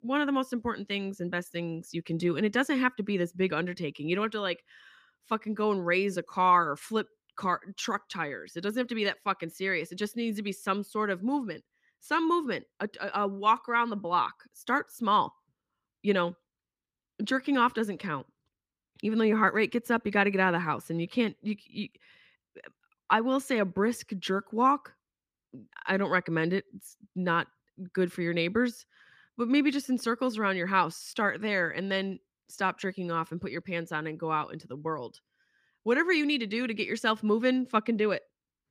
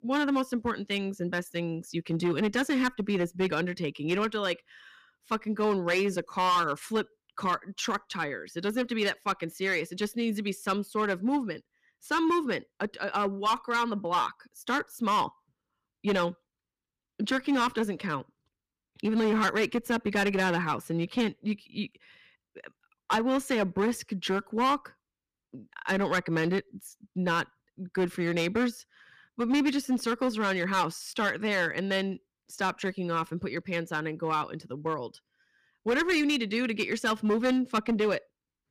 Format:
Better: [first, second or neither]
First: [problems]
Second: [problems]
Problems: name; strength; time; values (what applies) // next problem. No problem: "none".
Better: first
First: none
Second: distortion; slight; 6% of the sound clipped